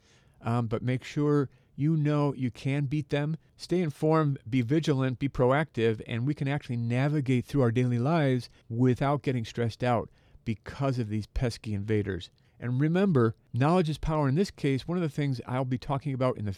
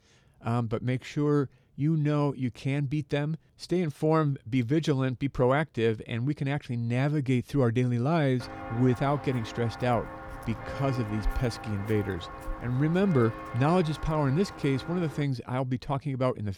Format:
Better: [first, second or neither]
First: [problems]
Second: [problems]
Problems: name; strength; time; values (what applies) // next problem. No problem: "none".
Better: first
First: none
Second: footsteps; noticeable; from 8.5 to 15 s; peak 8 dB below the speech